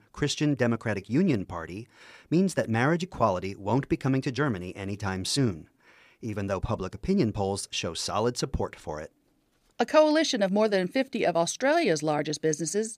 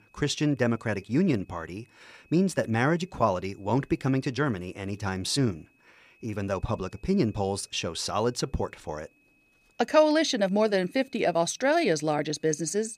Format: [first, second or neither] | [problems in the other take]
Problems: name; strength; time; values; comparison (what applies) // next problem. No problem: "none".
first | high-pitched whine; faint; throughout; 2.5 kHz, 35 dB below the speech